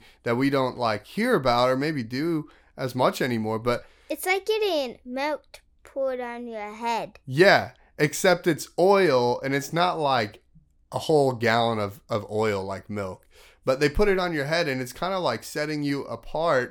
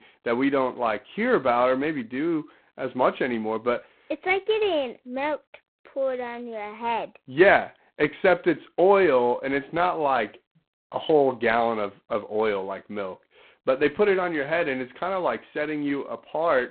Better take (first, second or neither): first